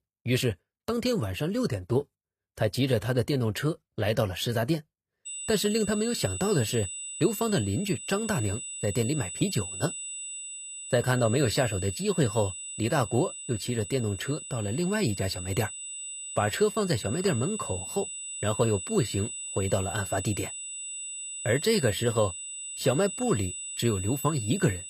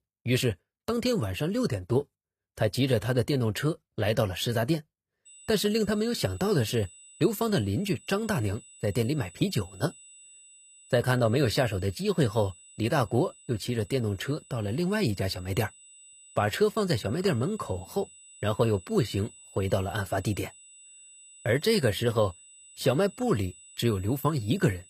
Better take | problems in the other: second | high-pitched whine; loud; from 5.5 s on; 8 kHz, 7 dB below the speech; faint in the second

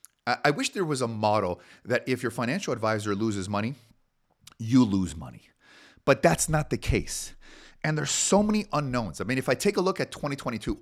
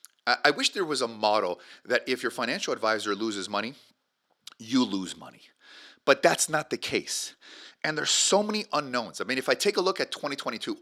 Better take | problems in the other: first | thin; very slightly; fading below 350 Hz

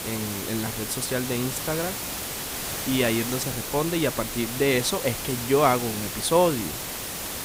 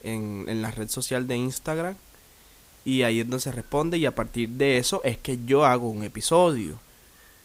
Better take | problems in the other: second | hiss; loud; throughout; 4 dB below the speech; faint in the second

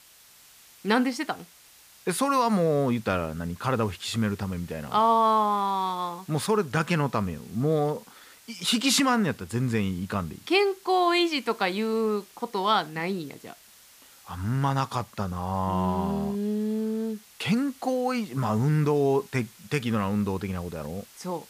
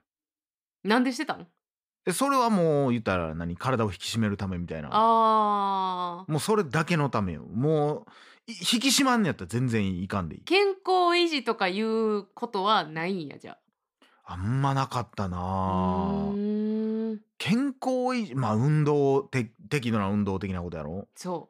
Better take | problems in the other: second | hiss; faint; throughout; 25 dB below the speech

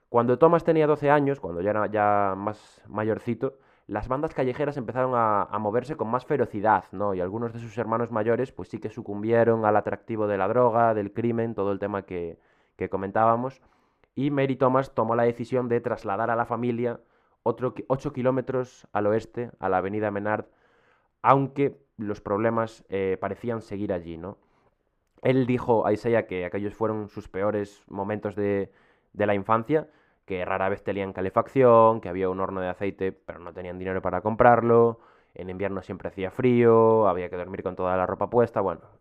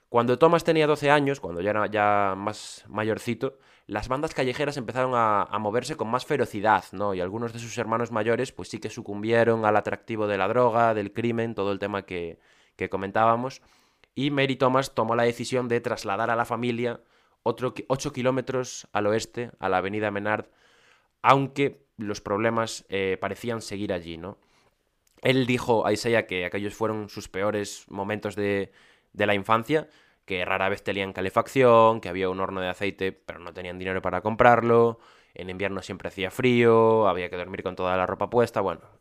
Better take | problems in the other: second | muffled; very; fading above 2.5 kHz

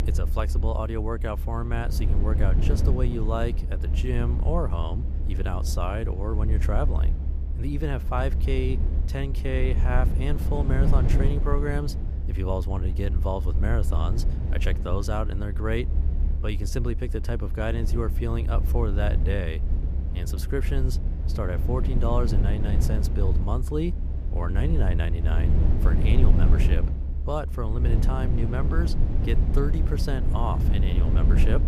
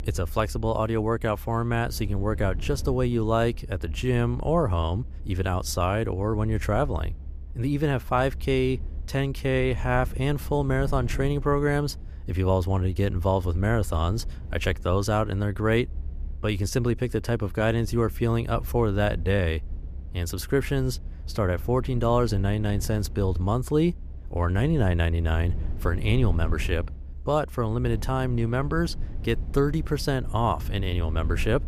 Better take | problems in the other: second | low rumble; loud; throughout; 7 dB below the speech; faint in the second

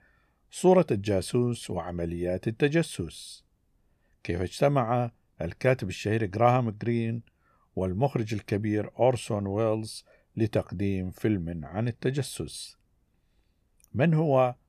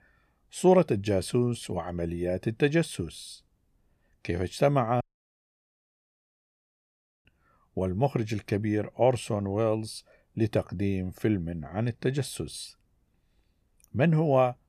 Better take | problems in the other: first | audio cutting out; at 5 s for 2 s

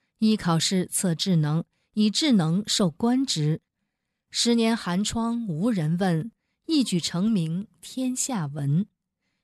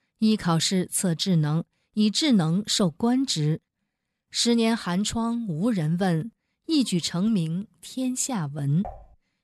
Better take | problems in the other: first | clattering dishes; faint; at 9 s; peak 15 dB below the speech

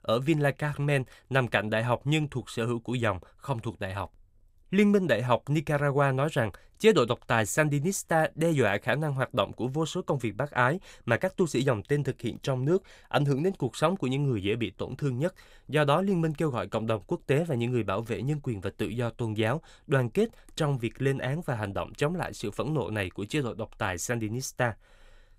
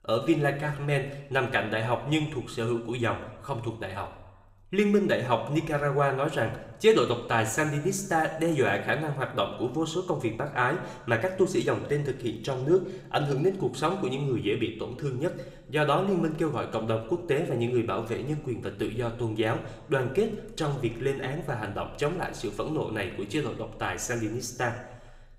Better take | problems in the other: first | room echo; very slight; dies away in 0.8 s

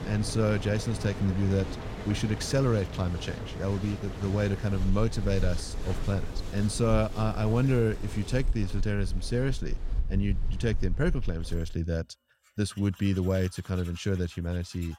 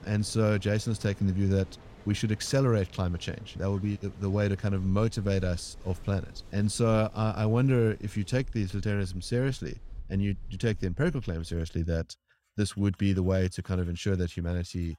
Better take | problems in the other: second | machinery noise; loud; throughout; 8 dB below the speech; faint in the second

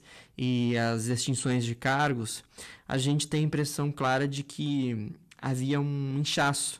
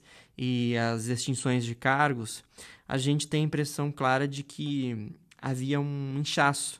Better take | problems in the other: second | distortion; slight; 10 dB below the speech

